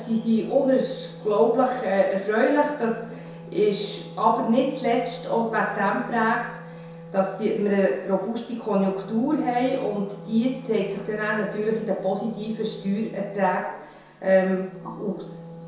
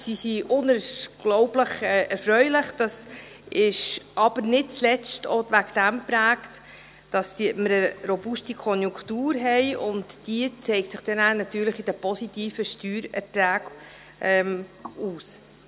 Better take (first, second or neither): second